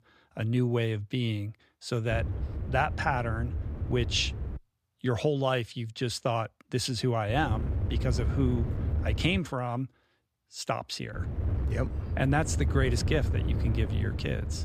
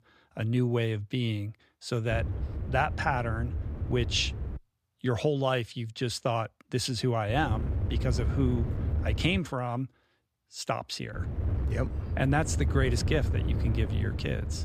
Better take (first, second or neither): neither